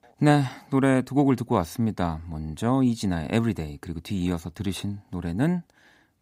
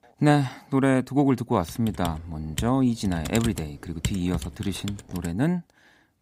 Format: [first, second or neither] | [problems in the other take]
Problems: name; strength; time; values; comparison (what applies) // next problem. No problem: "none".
first | keyboard typing; noticeable; from 1.5 to 5.5 s; peak 6 dB below the speech